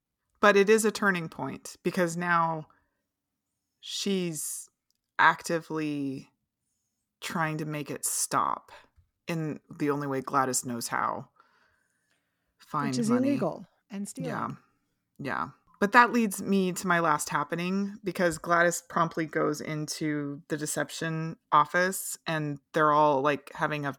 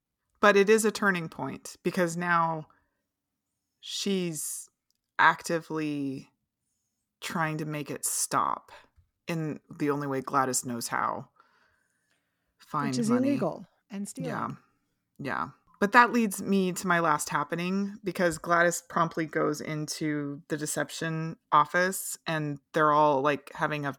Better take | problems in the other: neither | none

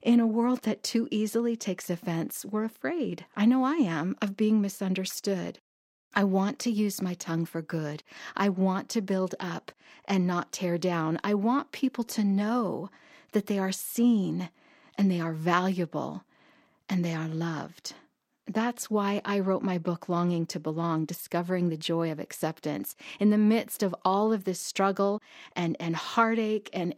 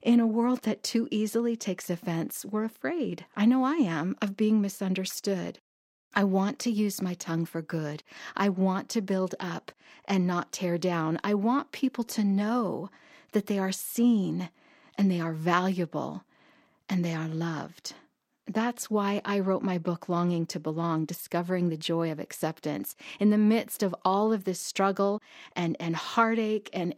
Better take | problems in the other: neither | none

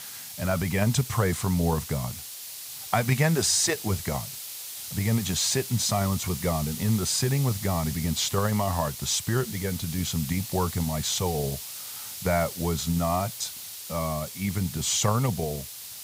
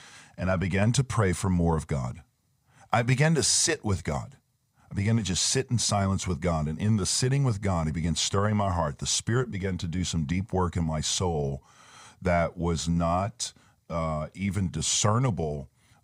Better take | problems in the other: second | hiss; loud; throughout; 9 dB below the speech

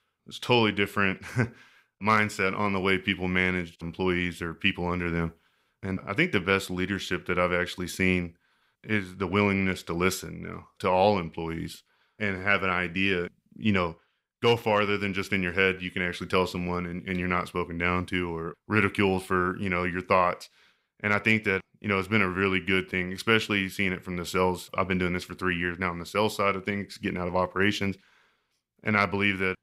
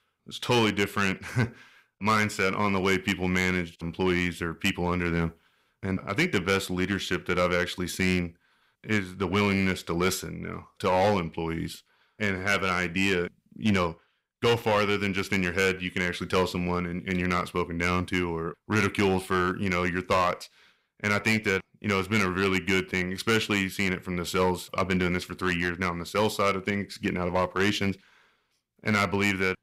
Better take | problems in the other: first | distortion; slight; 4% of the sound clipped

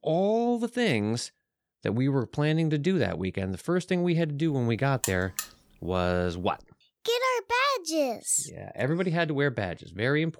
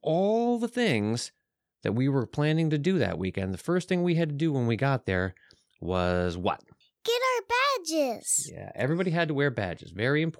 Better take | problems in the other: second | alarm; noticeable; at 5 s; peak 4 dB below the speech

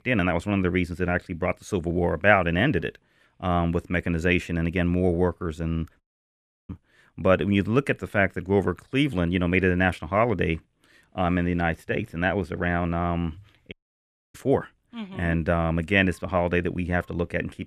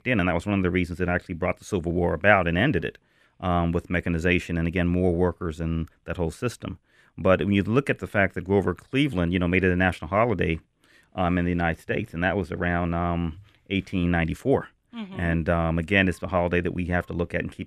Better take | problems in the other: second | audio cutting out; at 6 s for 0.5 s and at 14 s for 0.5 s

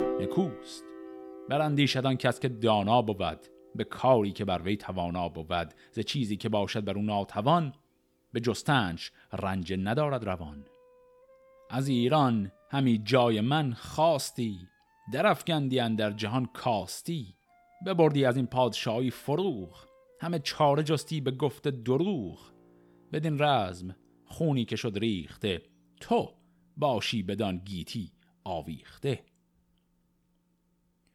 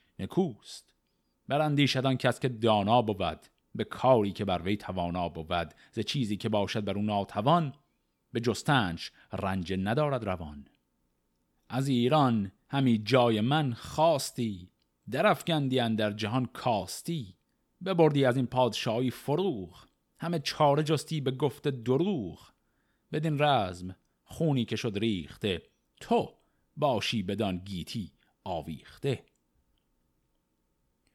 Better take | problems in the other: second | background music; noticeable; throughout; 20 dB below the speech

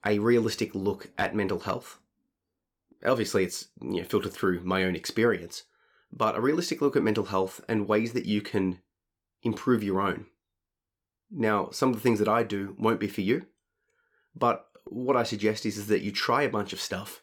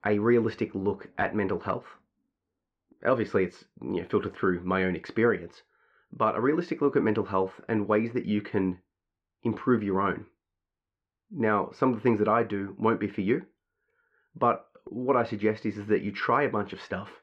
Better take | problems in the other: first | muffled; very; fading above 2 kHz

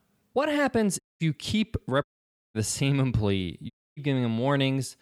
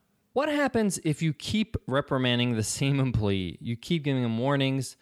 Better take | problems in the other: second | audio cutting out; at 1 s, at 2 s for 0.5 s and at 3.5 s

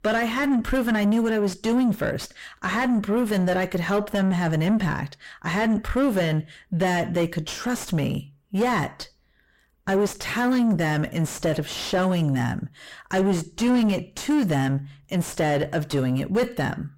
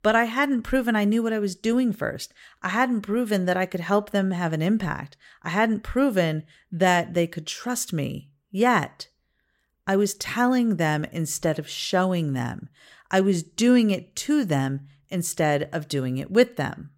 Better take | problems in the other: second | distortion; heavy; 5 dB below the speech

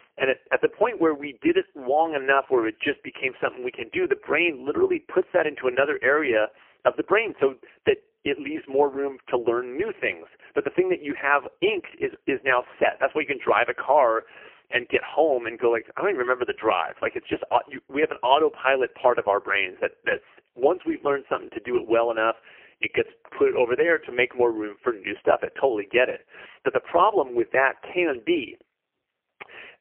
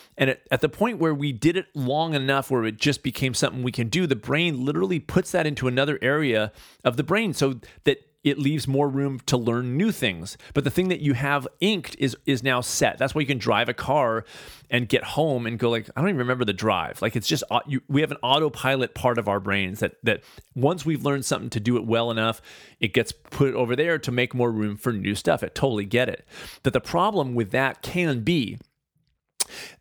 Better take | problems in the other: second | phone-call audio; poor line; nothing above 3 kHz

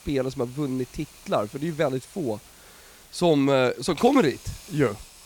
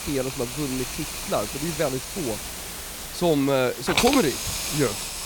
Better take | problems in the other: first | hiss; loud; throughout; 3 dB below the speech; faint in the first

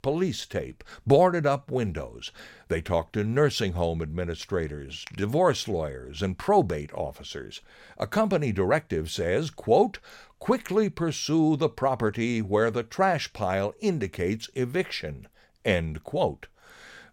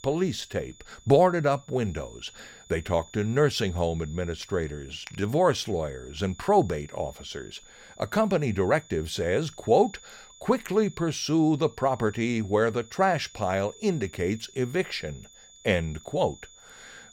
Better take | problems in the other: first | high-pitched whine; faint; throughout; 7 kHz, 25 dB below the speech

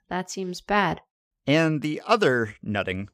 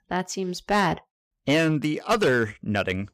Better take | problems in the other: first | distortion; slight; 4% of the sound clipped

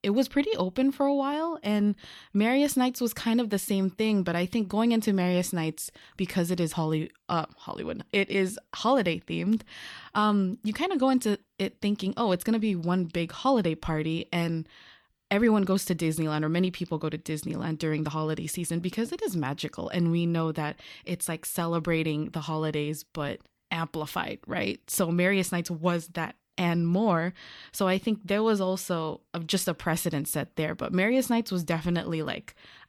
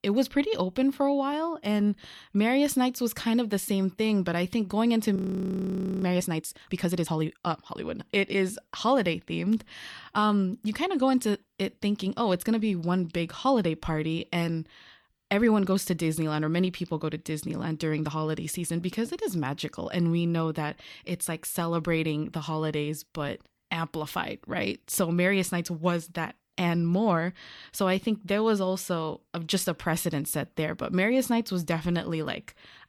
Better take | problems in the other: first | audio freezing; at 5 s for 1 s

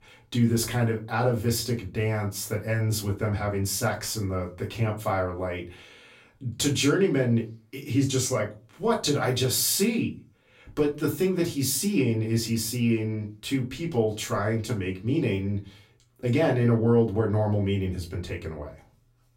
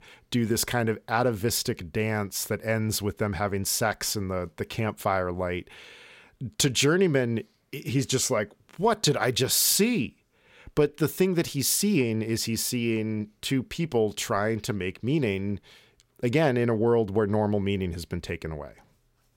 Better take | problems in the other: second | off-mic speech; far // room echo; very slight; dies away in 0.3 s

